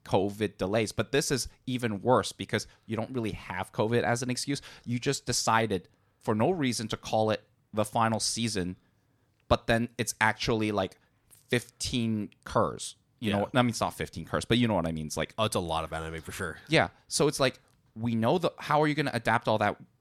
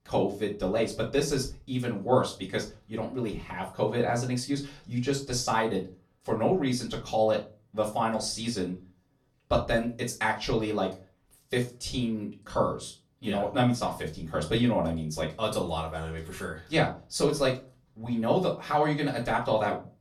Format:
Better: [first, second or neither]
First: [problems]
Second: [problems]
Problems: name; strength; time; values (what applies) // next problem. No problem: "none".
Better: first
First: none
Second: off-mic speech; far // room echo; very slight; dies away in 0.3 s